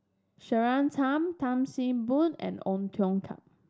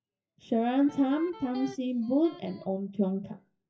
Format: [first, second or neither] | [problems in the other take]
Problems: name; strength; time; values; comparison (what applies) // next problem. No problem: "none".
first | noise reduction (classical method WPE with log-MMSE)